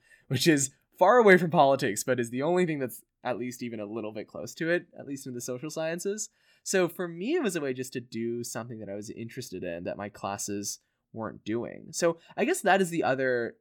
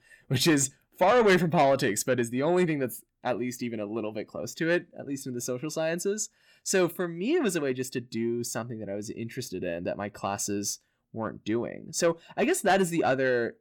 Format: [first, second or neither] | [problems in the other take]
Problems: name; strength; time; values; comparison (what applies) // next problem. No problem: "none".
first | distortion; slight; 10 dB below the speech